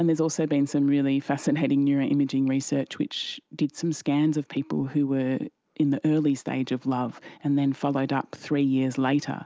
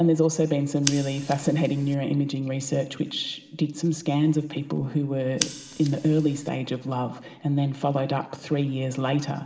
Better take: first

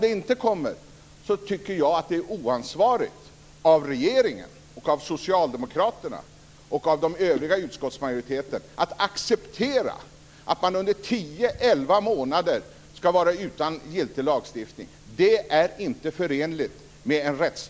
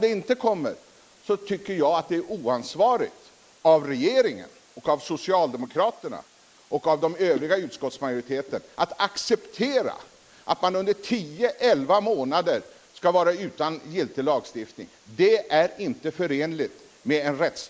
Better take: first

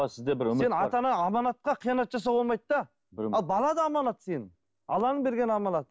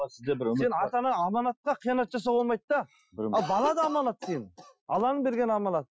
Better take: first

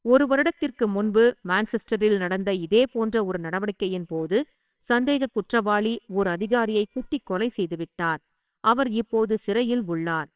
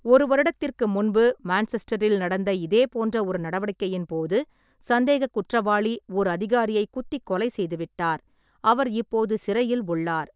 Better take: second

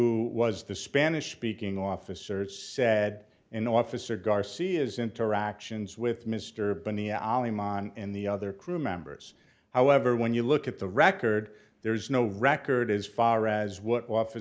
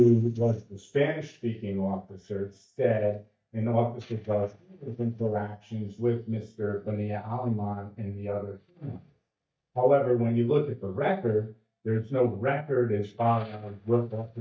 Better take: first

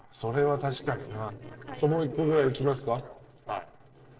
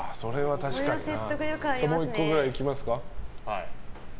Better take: second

